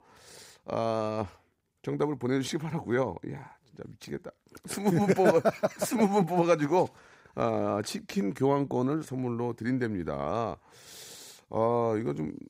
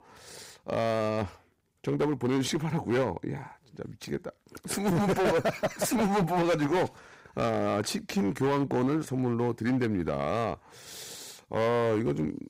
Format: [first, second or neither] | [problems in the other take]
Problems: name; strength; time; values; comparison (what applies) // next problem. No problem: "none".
first | distortion; heavy; 12% of the sound clipped